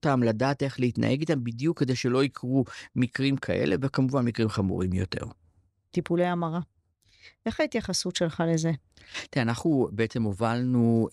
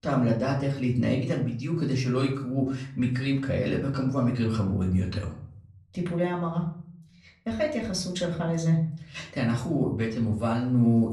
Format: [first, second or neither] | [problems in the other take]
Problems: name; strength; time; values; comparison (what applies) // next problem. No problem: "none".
first | off-mic speech; far // room echo; slight; dies away in 0.5 s